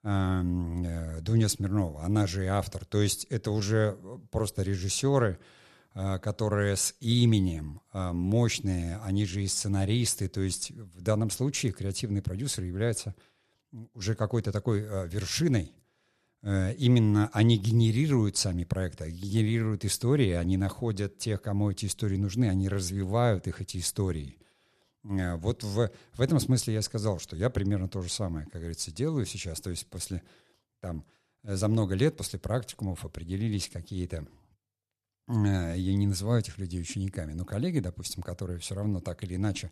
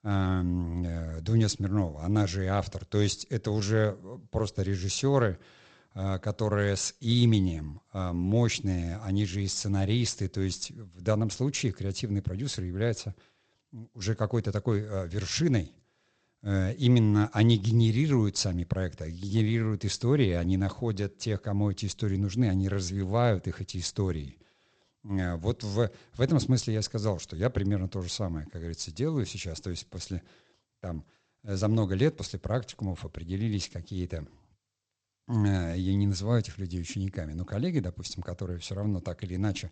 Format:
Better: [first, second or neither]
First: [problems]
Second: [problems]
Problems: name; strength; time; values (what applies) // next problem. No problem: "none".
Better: first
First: none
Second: garbled, watery; slightly; nothing above 8 kHz